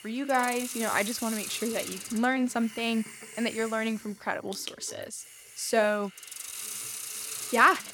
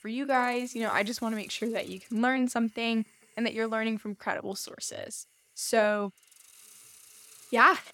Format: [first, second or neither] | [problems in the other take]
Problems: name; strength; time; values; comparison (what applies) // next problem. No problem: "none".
second | hiss; loud; throughout; 9 dB below the speech; faint in the second